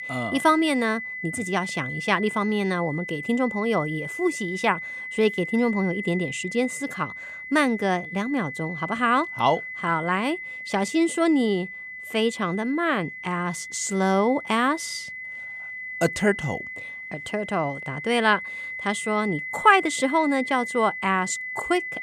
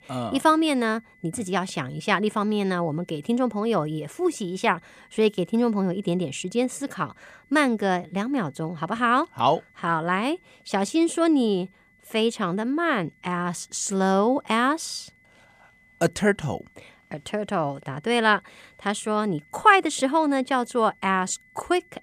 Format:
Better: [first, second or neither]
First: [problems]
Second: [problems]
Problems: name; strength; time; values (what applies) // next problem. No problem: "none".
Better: second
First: high-pitched whine; loud; throughout; 2 kHz, 8 dB below the speech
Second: high-pitched whine; faint; throughout; 2 kHz, 30 dB below the speech